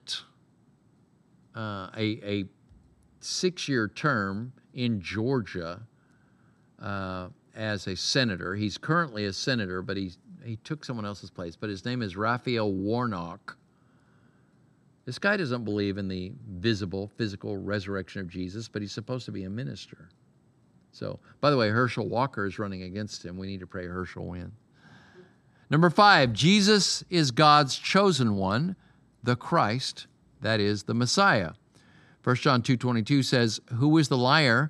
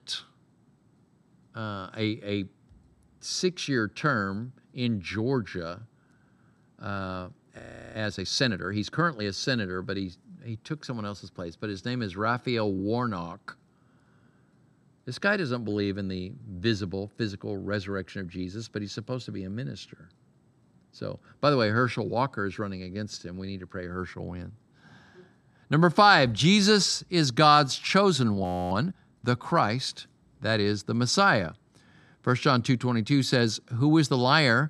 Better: first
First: none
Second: audio freezing; at 7.5 s and at 28 s

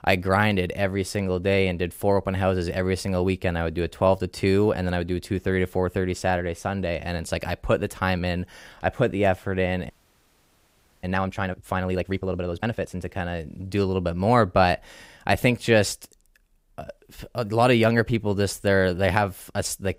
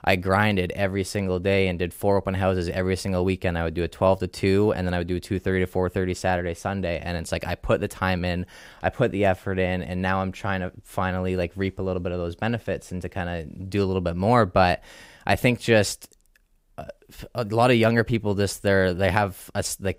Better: second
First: audio freezing; at 10 s for 1 s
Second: none

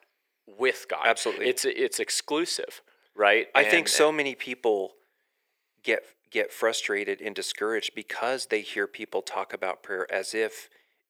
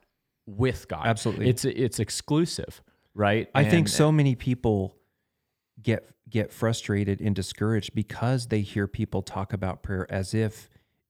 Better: second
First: thin; very; fading below 400 Hz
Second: none

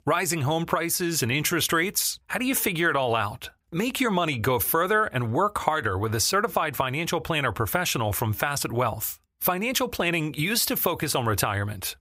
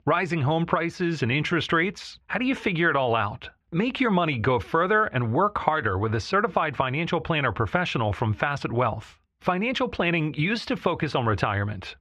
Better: first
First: none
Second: muffled; slightly; fading above 3 kHz

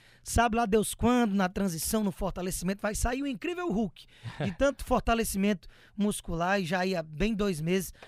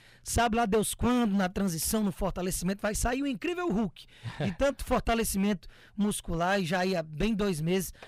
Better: first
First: none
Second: distortion; slight; 7% of the sound clipped

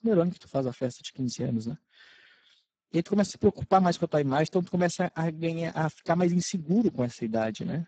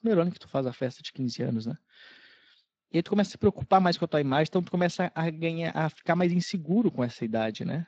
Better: second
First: garbled, watery; badly; nothing above 8 kHz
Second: garbled, watery; slightly; nothing above 7.5 kHz

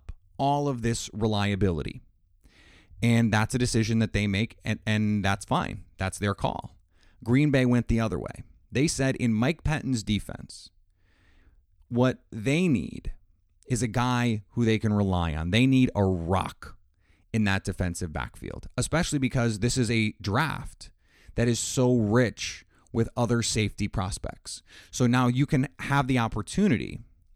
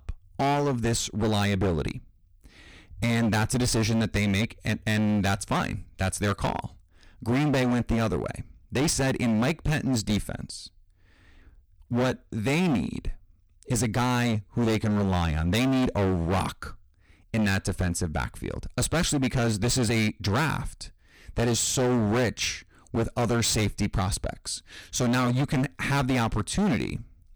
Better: first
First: none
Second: distortion; heavy; 20% of the sound clipped

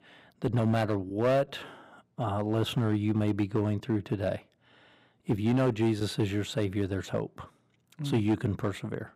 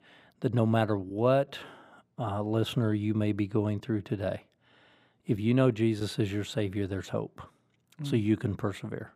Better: second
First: distortion; slight; 4% of the sound clipped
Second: none

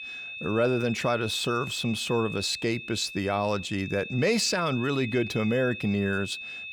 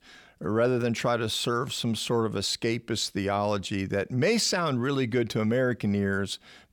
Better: second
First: high-pitched whine; loud; throughout; 2.5 kHz, 9 dB below the speech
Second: none

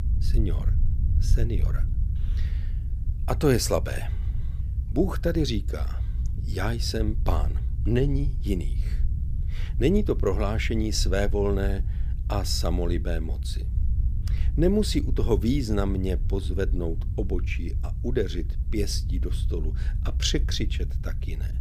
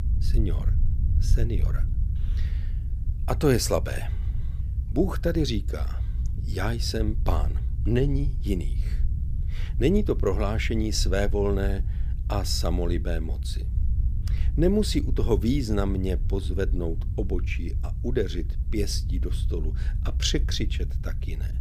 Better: neither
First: low rumble; noticeable; throughout; 15 dB below the speech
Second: low rumble; noticeable; throughout; 15 dB below the speech

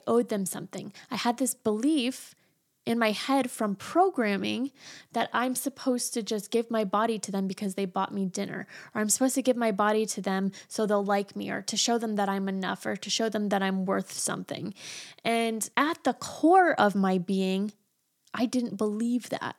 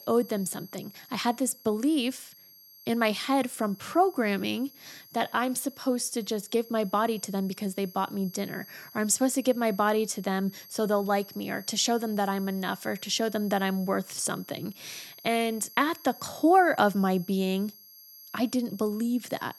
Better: first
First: none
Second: high-pitched whine; noticeable; throughout; 11.5 kHz, 20 dB below the speech

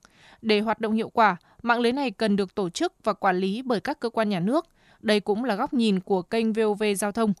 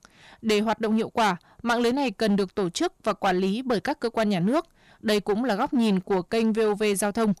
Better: first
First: none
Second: distortion; slight; 10% of the sound clipped

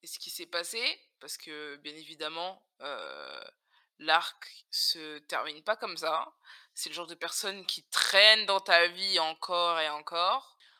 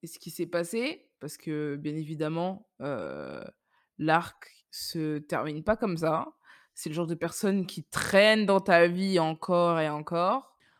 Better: second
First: thin; very; fading below 850 Hz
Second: none

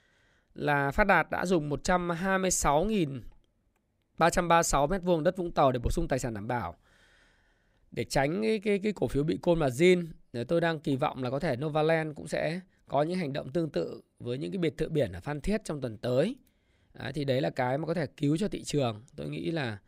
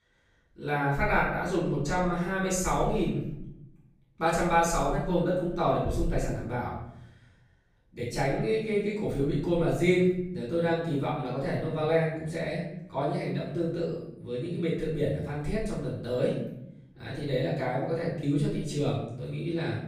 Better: first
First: none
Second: off-mic speech; far // room echo; noticeable; dies away in 0.8 s

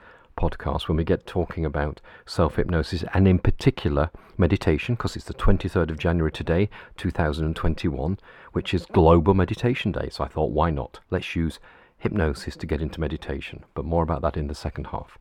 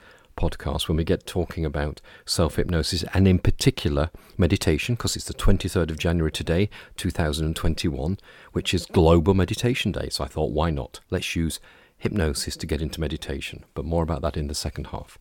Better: second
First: muffled; slightly; fading above 4 kHz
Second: none

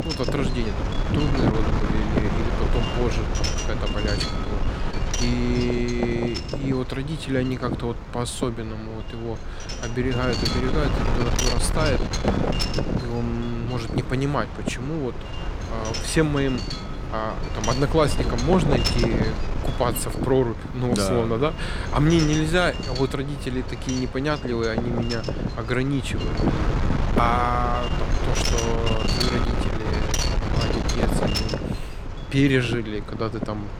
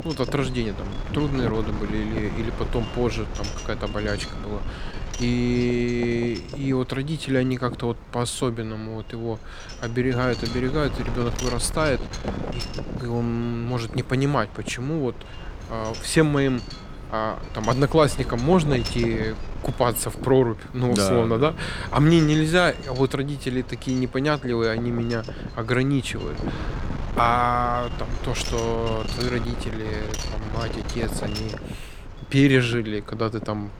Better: second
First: wind noise on the microphone; heavy; 2 dB below the speech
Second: wind noise on the microphone; occasional gusts; 10 dB below the speech

